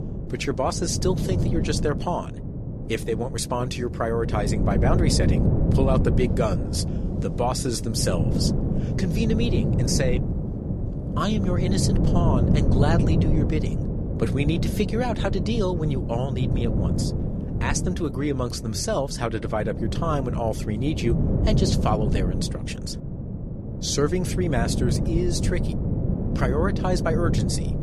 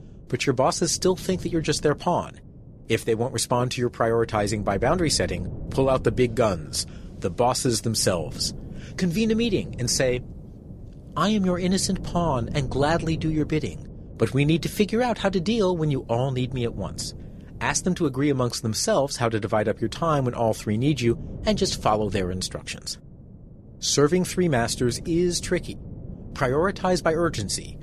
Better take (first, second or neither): second